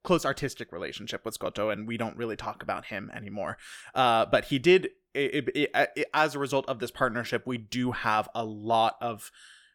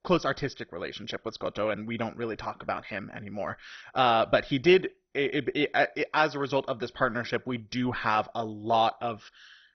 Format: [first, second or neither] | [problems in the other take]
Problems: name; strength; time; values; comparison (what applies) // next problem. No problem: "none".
first | garbled, watery; badly; nothing above 6 kHz